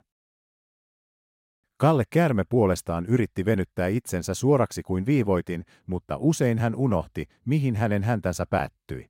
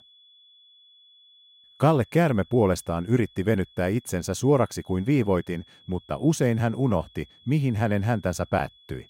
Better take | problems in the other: first | high-pitched whine; faint; throughout; 3.5 kHz, 30 dB below the speech

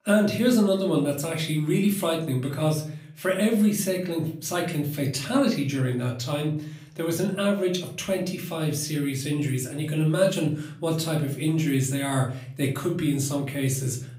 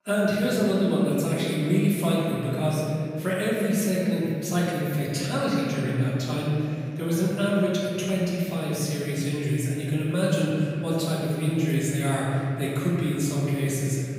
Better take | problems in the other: first | room echo; strong; dies away in 2.8 s; slight in the first // off-mic speech; far; somewhat distant in the first

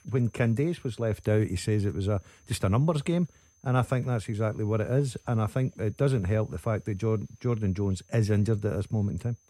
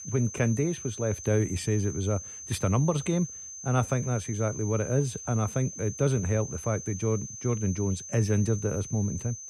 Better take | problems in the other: first | high-pitched whine; loud; throughout; 6 kHz, 10 dB below the speech; faint in the first

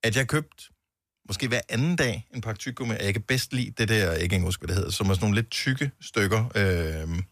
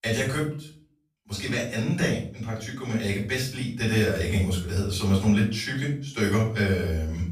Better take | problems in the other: first | room echo; noticeable; dies away in 0.4 s // off-mic speech; far

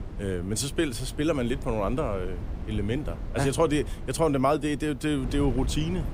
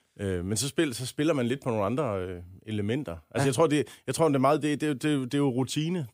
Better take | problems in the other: second | wind noise on the microphone; occasional gusts; 15 dB below the speech

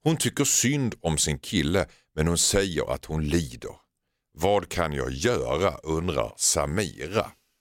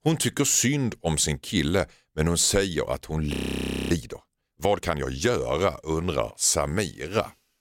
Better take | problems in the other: first | audio freezing; at 3.5 s for 0.5 s

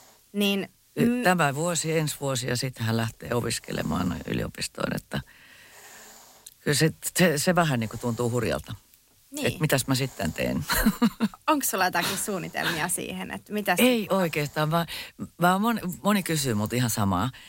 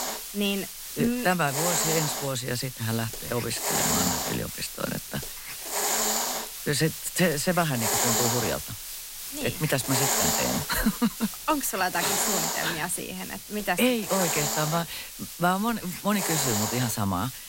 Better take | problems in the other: first | hiss; loud; throughout; 1 dB below the speech; faint in the first

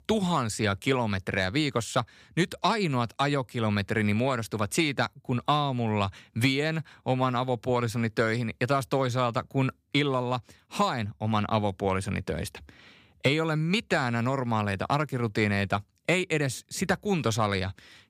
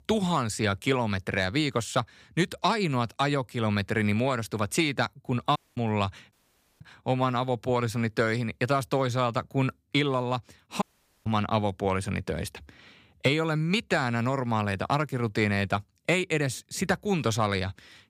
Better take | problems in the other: first | audio cutting out; at 5.5 s, at 6.5 s and at 11 s

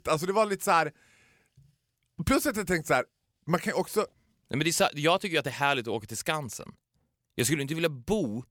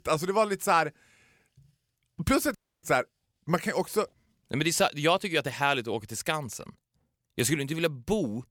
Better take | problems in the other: first | audio cutting out; at 2.5 s

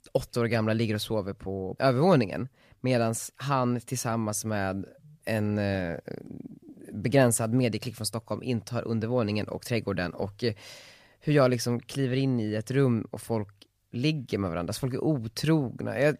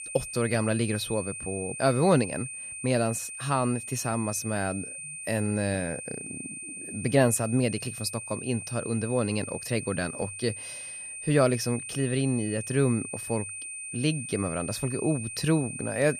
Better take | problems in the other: first | high-pitched whine; loud; throughout; 9 kHz, 8 dB below the speech

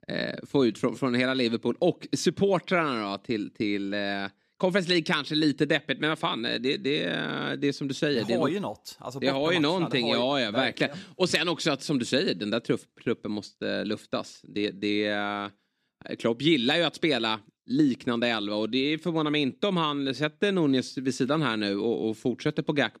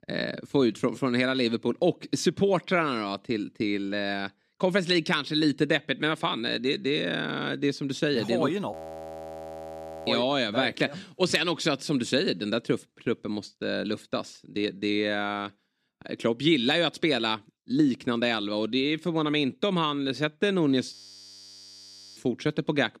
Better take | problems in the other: first | audio freezing; at 8.5 s for 1.5 s and at 21 s for 1 s

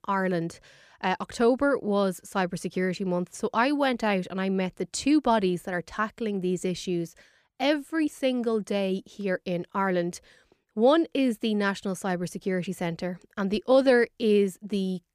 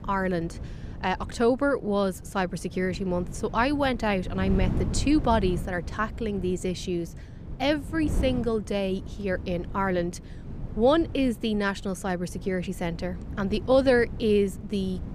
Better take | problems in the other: first | wind noise on the microphone; occasional gusts; 20 dB below the speech

